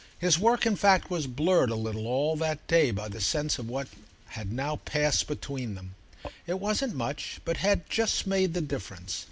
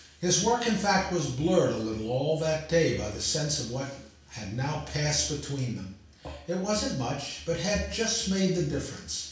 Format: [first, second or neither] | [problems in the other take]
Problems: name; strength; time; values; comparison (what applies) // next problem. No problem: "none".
first | room echo; dies away in 0.6 s